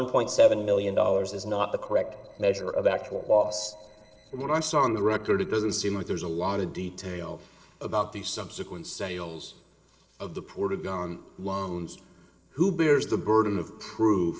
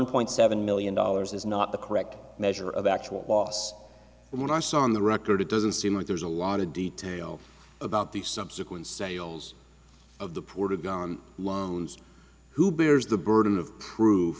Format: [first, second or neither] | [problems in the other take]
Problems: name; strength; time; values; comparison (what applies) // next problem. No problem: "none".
second | noise reduction (neural separator model SepFormer DNS4)